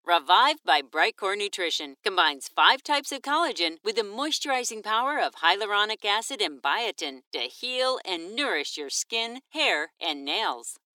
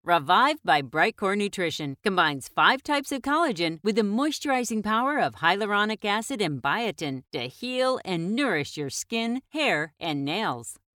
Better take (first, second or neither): second